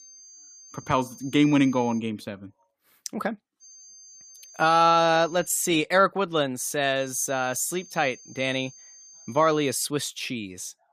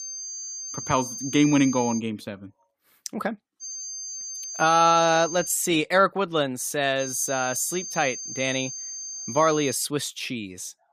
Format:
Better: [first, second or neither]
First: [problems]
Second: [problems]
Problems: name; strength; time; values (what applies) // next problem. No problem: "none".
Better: first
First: high-pitched whine; faint; until 2 s, from 3.5 to 5.5 s and from 7 to 10 s; 6.5 kHz, 20 dB below the speech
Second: high-pitched whine; loud; until 2 s, from 3.5 to 5.5 s and from 7 to 10 s; 6.5 kHz, 9 dB below the speech